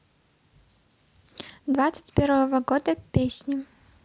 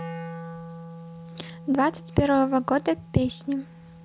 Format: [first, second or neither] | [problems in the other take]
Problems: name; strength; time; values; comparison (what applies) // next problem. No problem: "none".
first | background sound (Wind instrument, woodwind instrument); 14 dB below the speech